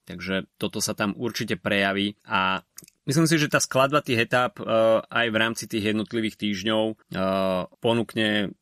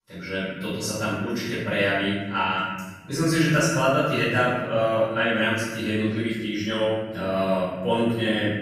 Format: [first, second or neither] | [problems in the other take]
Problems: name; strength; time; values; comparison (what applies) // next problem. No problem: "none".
first | off-mic speech; far // room echo; strong; dies away in 1.5 s